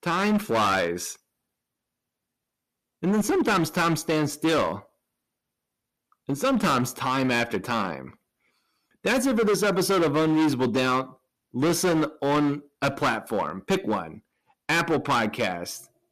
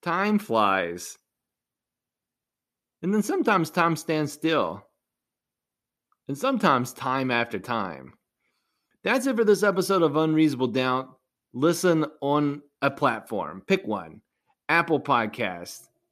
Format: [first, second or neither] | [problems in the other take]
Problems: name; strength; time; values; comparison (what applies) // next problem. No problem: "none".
second | distortion; heavy; 12% of the sound clipped